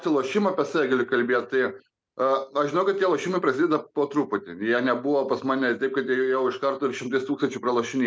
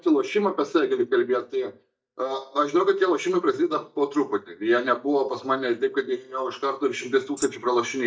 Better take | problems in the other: first | noise reduction (neural mask model DeepFilterNet 3)

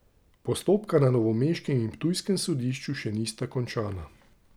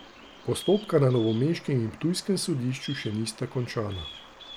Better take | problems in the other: first | background sound (Bird vocalization, bird call, bird song); 18 dB below the speech

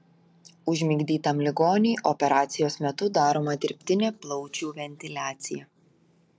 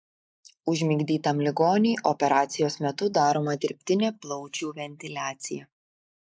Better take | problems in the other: first | noise reduction (neural mask model Resemble Enhance denoiser)

